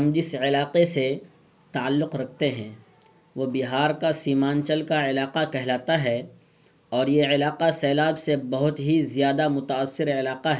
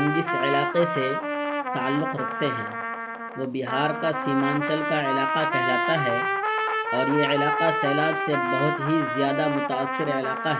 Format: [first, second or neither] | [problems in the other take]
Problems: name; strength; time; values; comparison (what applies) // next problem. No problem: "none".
first | background sound (Trumpet); as loud as the speech